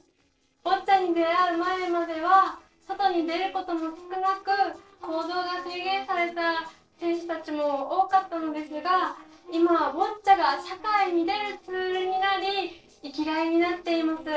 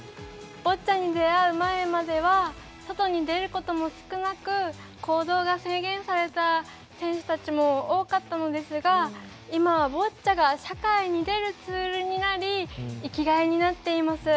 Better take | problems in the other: second | noise reduction (neural separator model SepFormer DNS4)

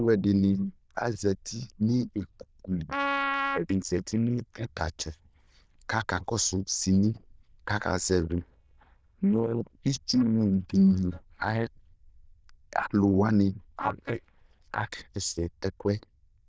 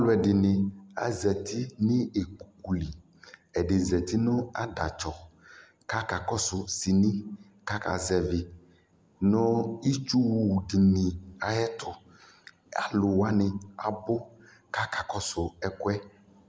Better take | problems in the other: second | noise reduction (neural diffusion model UNIVERSE++)

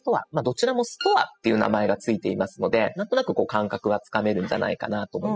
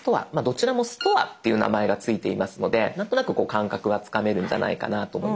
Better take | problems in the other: second | noise reduction (classical method spectral subtraction)

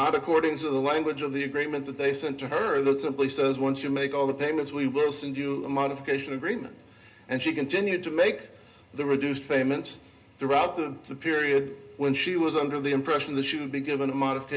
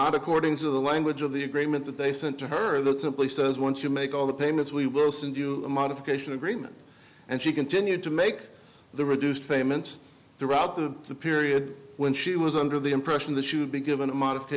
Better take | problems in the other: second | room echo; dies away in 0.2 s

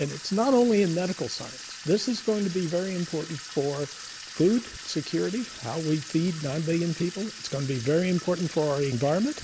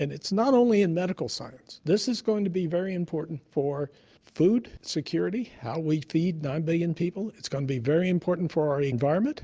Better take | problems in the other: second | background sound (Sink (filling or washing) / Water tap, faucet); 14 dB below the speech

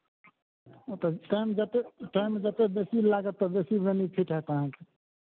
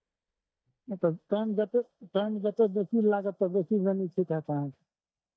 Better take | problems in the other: first | noise reduction (neural mask model DeepFilterNet 3)

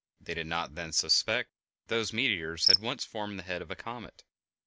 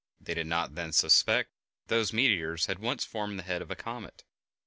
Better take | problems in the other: second | background sound (Cricket); as loud as the speech

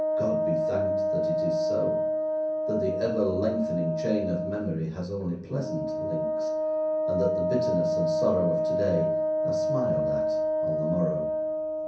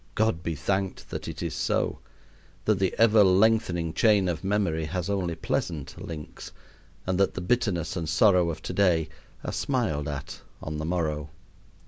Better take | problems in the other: second | background sound (Wind instrument, woodwind instrument); 4 dB above the speech // room echo; dies away in 0.6 s

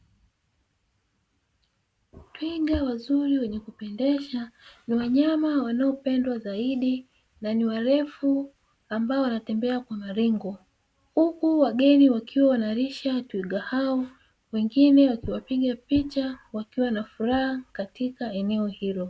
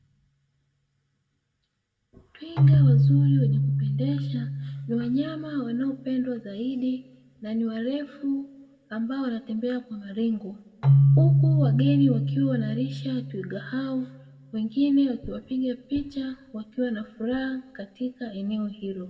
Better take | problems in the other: first | background sound (Keyboard (musical)); 3 dB above the speech // room echo; dies away in 1.4 s

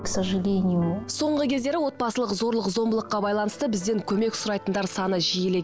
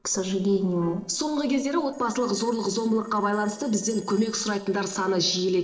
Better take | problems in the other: first | noise reduction (neural separator model SepFormer DNS4)

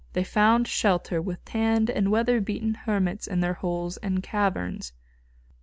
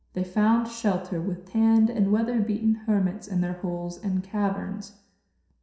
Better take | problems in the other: first | room echo; dies away in 0.7 s

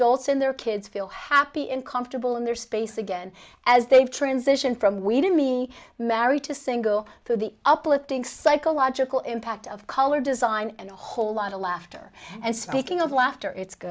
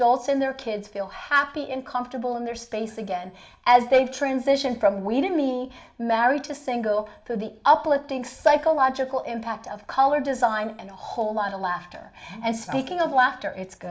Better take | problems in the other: first | room echo; dies away in 0.6 s

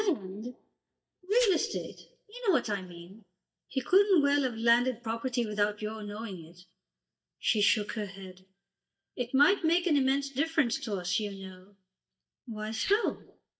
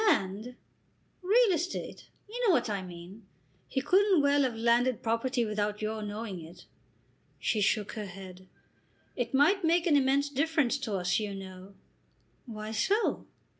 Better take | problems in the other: second | noise reduction (neural mask model DeepFilterNet 3)

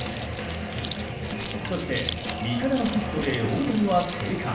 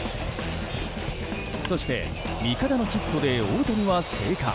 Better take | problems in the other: second | background sound (Keys jangling); 13 dB below the speech // room echo; dies away in 0.8 s

